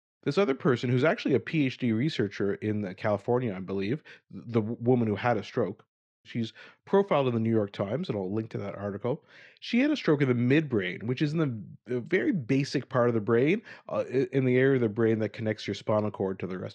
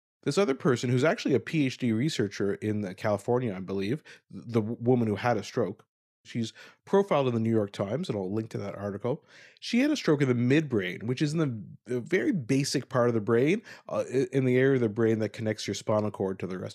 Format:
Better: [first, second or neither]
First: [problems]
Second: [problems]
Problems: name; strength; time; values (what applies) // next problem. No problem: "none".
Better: second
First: muffled; very slightly; fading above 3.5 kHz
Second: none